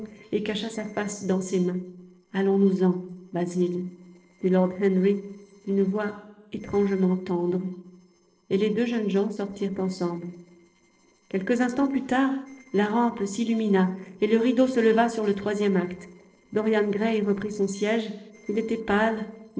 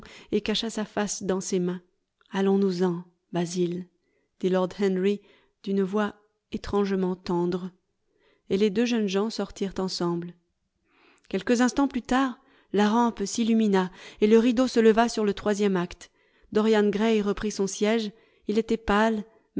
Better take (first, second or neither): second